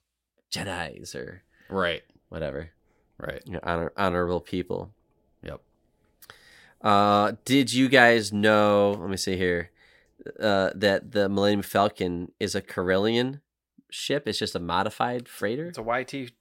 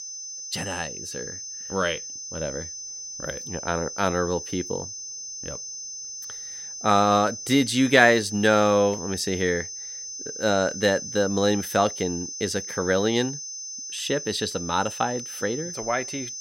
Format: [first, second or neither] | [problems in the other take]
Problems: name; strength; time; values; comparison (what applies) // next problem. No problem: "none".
first | high-pitched whine; loud; throughout; 6 kHz, 9 dB below the speech